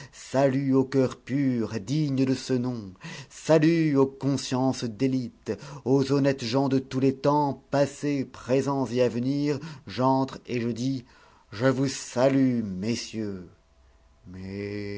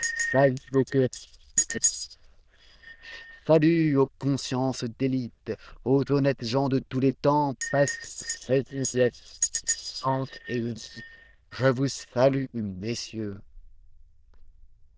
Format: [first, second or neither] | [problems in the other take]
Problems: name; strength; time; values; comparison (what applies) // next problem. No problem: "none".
first | noise reduction (neural diffusion model UNIVERSE++)